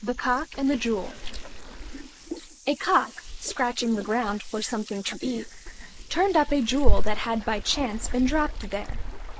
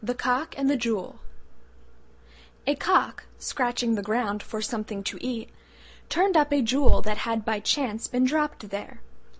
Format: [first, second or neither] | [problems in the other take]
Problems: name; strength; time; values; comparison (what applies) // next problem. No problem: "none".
second | noise reduction (neural mask model Resemble Enhance denoiser)